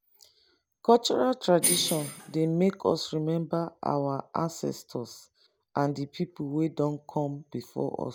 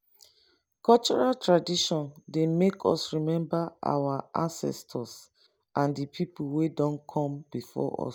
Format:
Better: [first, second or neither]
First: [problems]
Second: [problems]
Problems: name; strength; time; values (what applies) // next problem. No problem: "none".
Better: second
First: background sound (Bell); 3 dB below the speech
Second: none